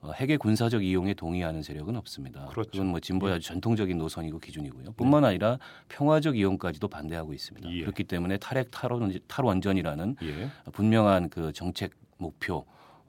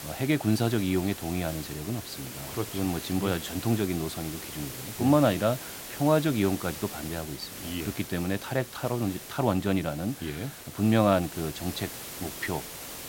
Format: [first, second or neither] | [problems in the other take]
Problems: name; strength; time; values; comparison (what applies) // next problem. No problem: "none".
first | hiss; noticeable; throughout; 10 dB below the speech